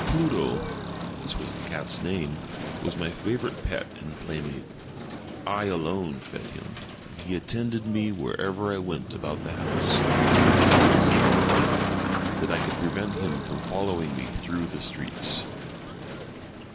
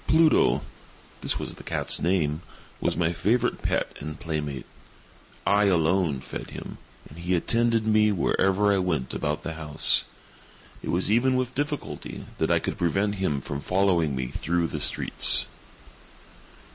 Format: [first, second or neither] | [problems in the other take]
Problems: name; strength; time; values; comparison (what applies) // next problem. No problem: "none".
second | background sound (Motor vehicle (road)); 3 dB above the speech